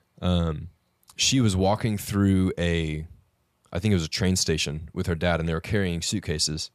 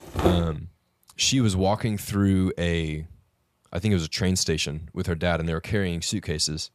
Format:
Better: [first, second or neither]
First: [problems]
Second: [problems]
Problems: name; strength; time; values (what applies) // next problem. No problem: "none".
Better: first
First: none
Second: footsteps; noticeable; at the start; peak 1 dB below the speech